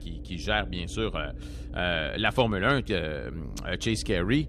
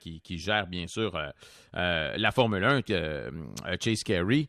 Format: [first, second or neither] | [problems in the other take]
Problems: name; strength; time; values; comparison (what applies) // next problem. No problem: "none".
second | low rumble; faint; throughout; 20 dB below the speech